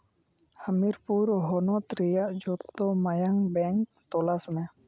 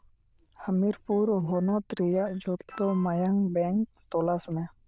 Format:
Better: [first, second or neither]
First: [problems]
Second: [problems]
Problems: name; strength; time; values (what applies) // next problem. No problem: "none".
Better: first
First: none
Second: noise reduction (neural diffusion model UNIVERSE++)